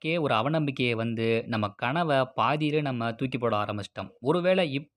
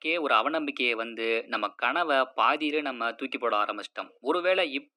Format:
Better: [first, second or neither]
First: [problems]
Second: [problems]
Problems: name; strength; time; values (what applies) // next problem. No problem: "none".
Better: first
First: none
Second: thin; somewhat; fading below 300 Hz